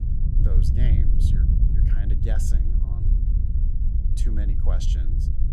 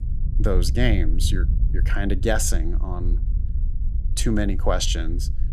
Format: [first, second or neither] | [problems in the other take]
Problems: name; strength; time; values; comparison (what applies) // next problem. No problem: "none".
second | wind noise on the microphone; heavy; 2 dB above the speech; occasional gusts in the second